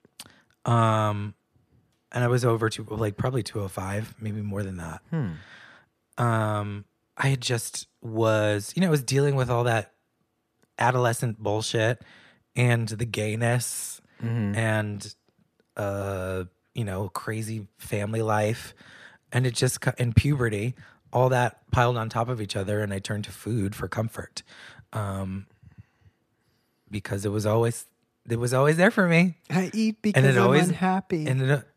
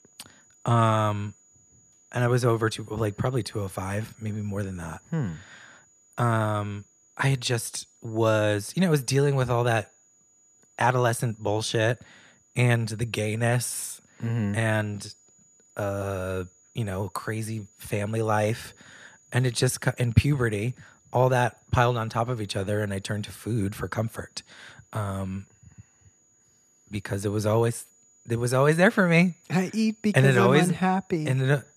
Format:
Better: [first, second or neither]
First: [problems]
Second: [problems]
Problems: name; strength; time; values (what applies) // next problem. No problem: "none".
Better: first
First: none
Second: high-pitched whine; faint; throughout; 7 kHz, 30 dB below the speech